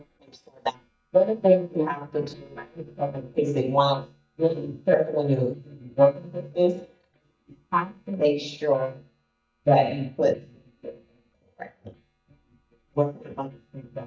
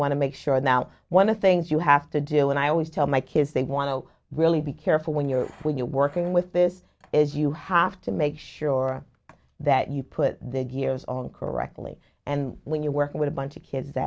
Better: second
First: noise reduction (neural mask model DeepFilterNet 3)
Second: none

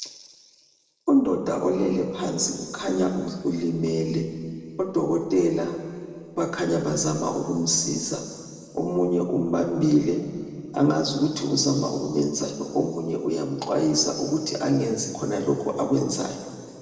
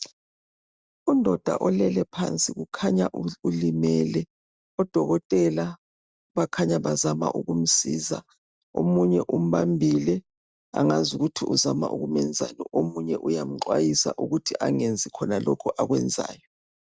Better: second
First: room echo; dies away in 2.2 s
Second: none

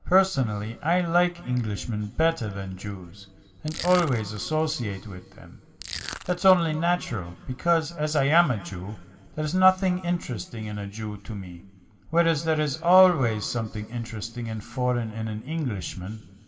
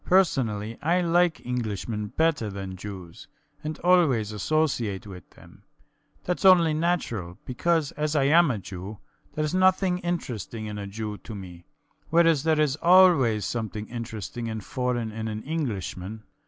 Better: second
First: background sound (Crushing); 13 dB below the speech // room echo; dies away in 2 s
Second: none

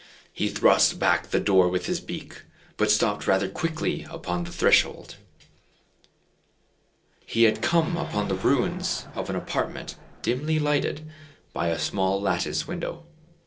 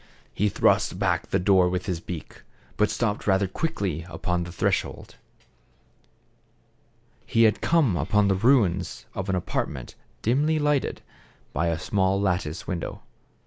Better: second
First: noise reduction (neural separator model SepFormer DNS4)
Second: none

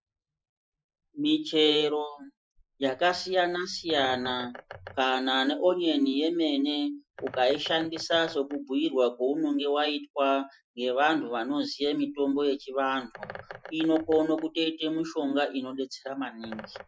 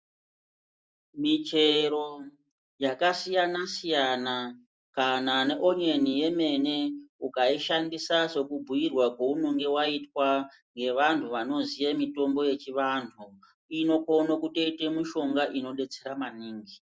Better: second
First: noise reduction (classical method Wiener filter)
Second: none

